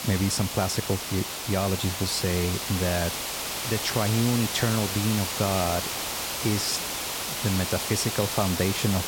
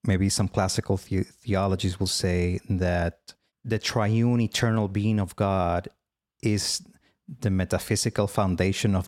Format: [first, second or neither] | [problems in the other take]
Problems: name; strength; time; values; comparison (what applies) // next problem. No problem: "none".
second | hiss; loud; throughout; 2 dB below the speech